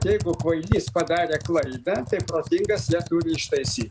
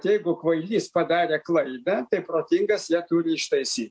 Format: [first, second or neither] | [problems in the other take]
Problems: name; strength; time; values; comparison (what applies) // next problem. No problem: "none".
second | background sound (Computer keyboard); 7 dB below the speech